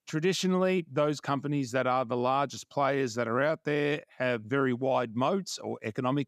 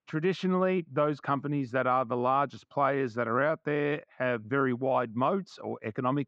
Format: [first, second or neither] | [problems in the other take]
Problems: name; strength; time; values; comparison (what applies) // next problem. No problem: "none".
first | muffled; very; fading above 2.5 kHz